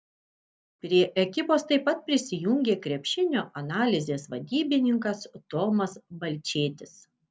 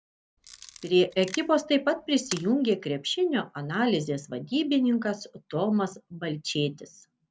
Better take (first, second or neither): first